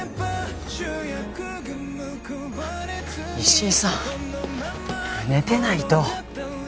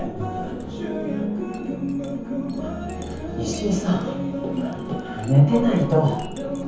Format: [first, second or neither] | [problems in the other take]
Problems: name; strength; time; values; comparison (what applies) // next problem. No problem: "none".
first | background sound (Chink, clink); 19 dB below the speech // room echo; dies away in 0.7 s